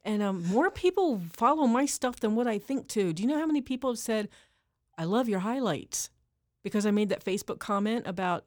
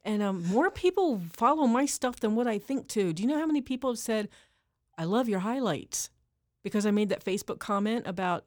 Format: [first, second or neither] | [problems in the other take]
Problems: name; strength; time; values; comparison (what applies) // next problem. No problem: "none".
neither | none